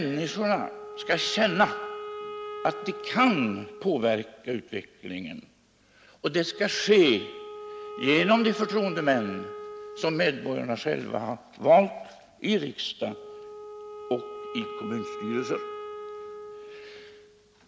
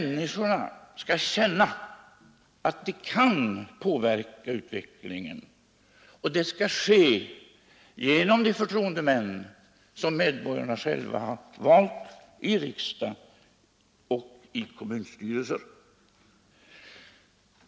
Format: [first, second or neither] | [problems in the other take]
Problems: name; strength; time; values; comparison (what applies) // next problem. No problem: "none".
second | background sound (Wind instrument, woodwind instrument); 13 dB below the speech